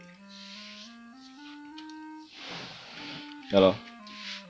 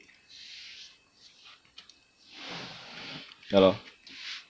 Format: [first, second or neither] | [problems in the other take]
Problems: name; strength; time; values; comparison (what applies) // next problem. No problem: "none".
second | background sound (Wind instrument, woodwind instrument); 16 dB below the speech